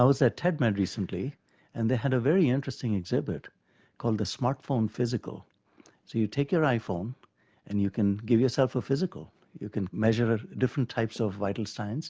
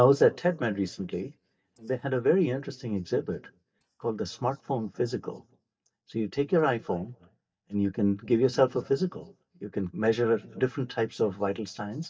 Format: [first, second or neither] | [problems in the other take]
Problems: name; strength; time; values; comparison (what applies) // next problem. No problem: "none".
first | noise reduction (neural mask model DeepFilterNet 3)